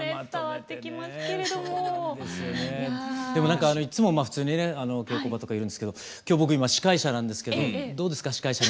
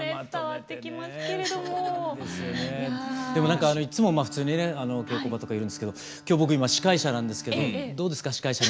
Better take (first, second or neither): first